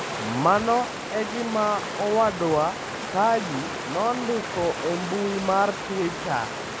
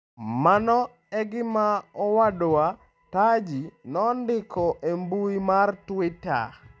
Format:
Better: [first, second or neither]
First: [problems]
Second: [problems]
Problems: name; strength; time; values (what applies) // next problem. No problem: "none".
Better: second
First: background sound (Water); 7 dB below the speech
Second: none